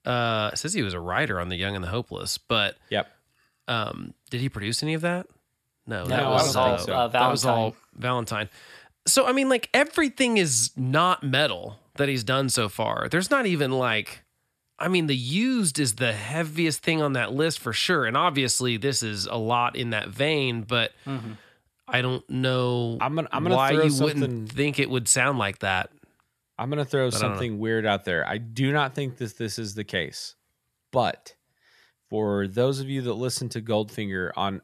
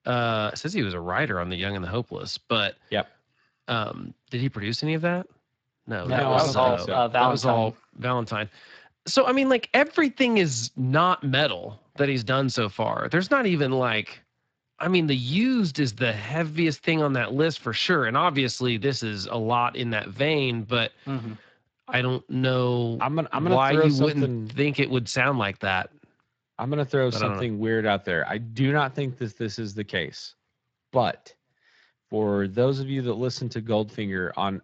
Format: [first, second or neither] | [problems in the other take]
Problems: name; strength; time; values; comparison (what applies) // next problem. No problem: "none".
first | garbled, watery; slightly; nothing above 7.5 kHz